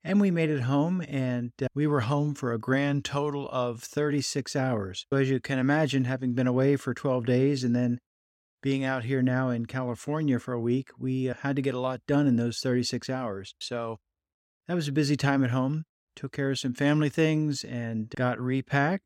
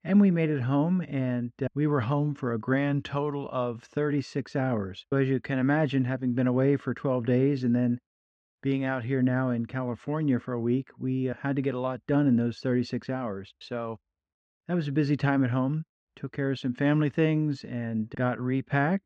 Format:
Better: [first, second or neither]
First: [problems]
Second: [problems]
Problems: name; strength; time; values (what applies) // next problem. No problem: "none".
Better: first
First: none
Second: muffled; slightly; fading above 2.5 kHz